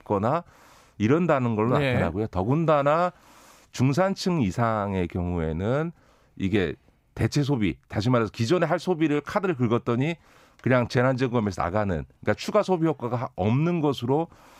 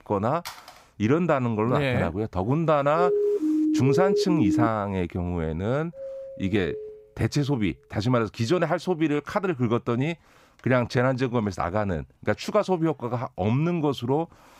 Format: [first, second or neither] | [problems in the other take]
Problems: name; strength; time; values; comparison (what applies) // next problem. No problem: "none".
first | phone ringing; faint; at 0.5 s; peak 15 dB below the speech // siren; loud; from 3 to 4.5 s; peak 2 dB above the speech // doorbell; faint; from 6 to 7 s; peak 10 dB below the speech